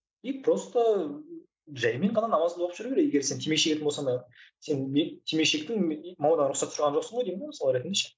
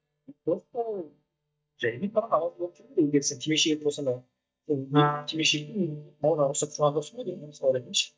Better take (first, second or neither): first